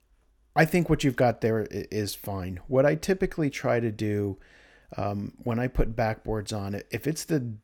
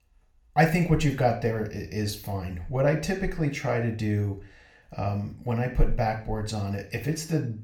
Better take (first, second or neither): first